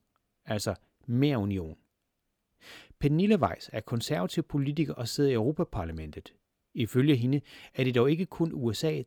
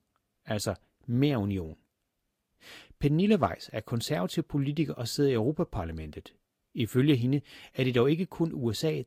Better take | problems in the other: first | garbled, watery; slightly; nothing above 15 kHz

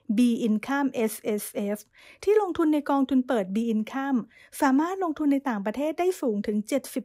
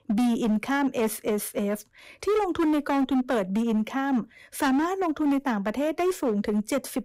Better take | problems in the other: first | distortion; slight; 16% of the sound clipped

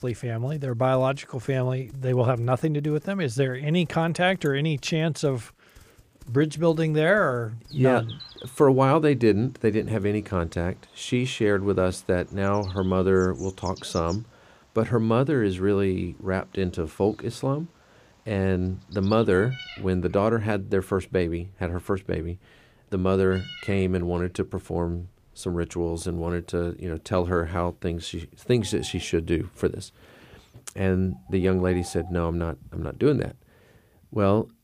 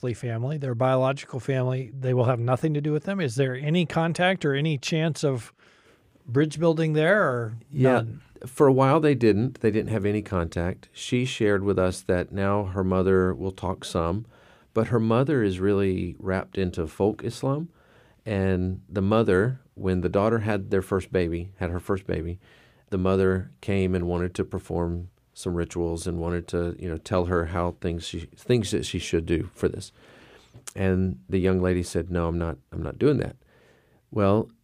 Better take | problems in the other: second | animal sounds; faint; throughout; 25 dB below the speech

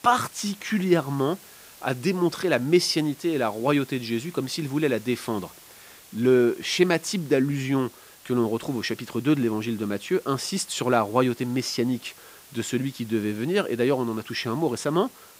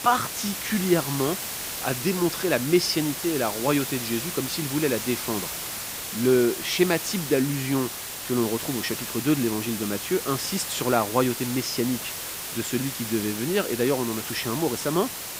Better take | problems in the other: first | hiss; loud; throughout; 5 dB below the speech; faint in the first

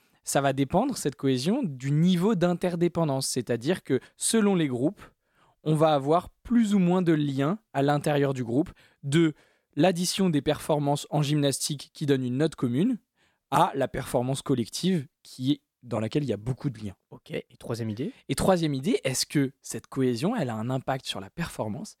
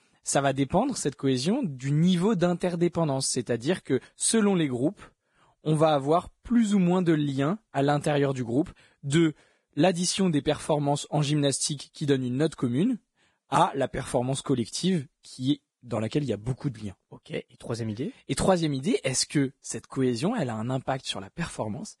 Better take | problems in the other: first | garbled, watery; badly; nothing above 10 kHz

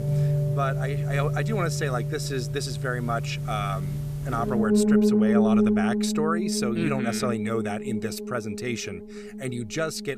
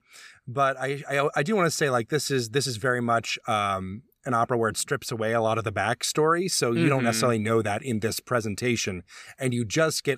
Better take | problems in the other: second | background music; very loud; throughout; 4 dB above the speech

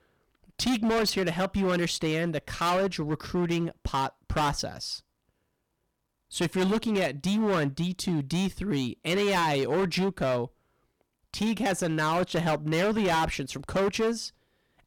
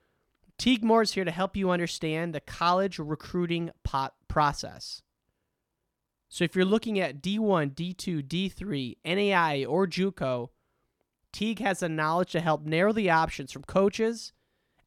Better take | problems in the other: second | distortion; heavy; 15% of the sound clipped

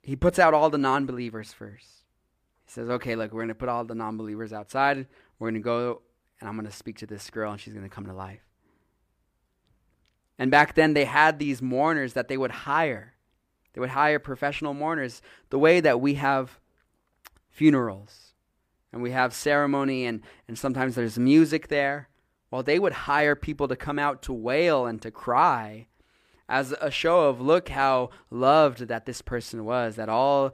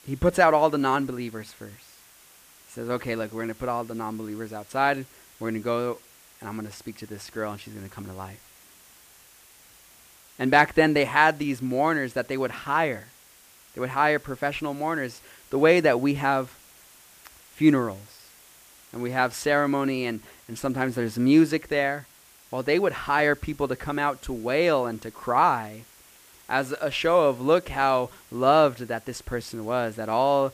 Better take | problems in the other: first | hiss; faint; throughout; 25 dB below the speech

